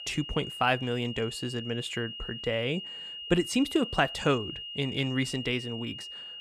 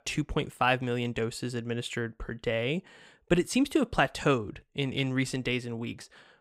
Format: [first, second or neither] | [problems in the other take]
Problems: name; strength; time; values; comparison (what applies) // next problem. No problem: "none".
second | high-pitched whine; loud; throughout; 3 kHz, 8 dB below the speech